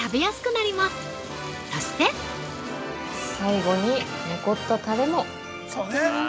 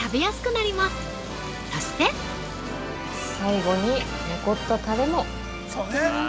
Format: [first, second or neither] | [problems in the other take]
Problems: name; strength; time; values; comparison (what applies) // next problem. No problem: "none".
first | background sound (Accelerating, revving, vroom); 10 dB below the speech